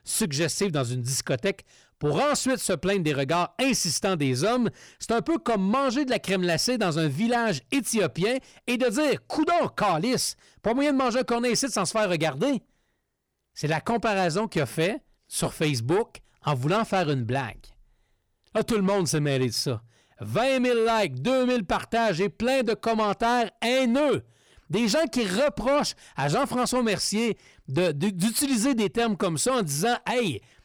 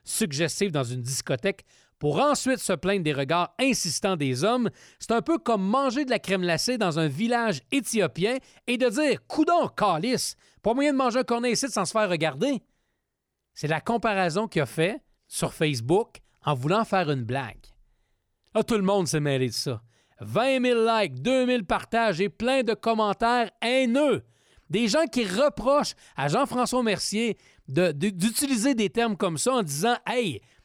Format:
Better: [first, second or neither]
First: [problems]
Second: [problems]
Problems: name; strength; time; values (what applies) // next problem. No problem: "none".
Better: second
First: distortion; slight; 10 dB below the speech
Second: none